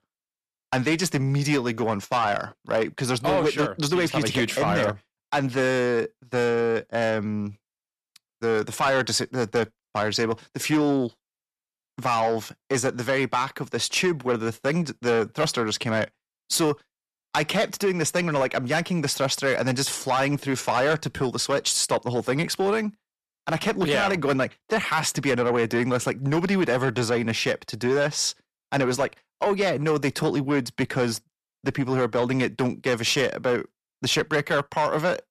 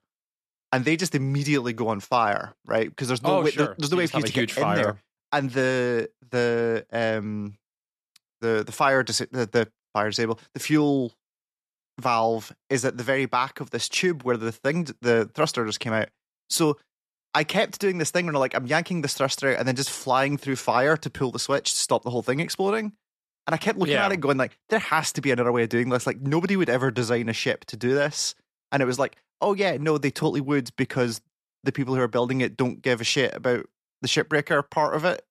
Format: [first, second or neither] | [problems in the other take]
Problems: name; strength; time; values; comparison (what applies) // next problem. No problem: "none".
second | distortion; slight; 10 dB below the speech